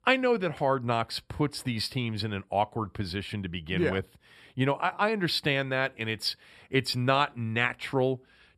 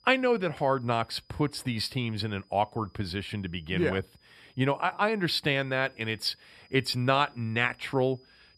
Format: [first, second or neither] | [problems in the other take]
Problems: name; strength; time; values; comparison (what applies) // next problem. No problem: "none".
first | high-pitched whine; faint; throughout; 5 kHz, 35 dB below the speech